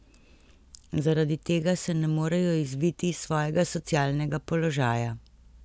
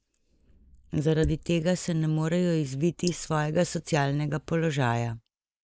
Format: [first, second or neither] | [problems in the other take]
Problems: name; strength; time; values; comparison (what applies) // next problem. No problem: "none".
first | noise reduction (neural mask model Resemble Enhance denoiser)